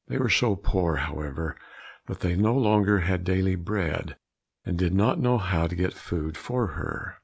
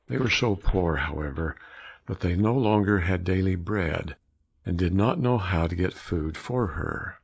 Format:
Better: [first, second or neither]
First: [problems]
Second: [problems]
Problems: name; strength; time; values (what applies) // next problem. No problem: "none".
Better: first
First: none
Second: noise reduction (neural mask model Resemble Enhance denoiser)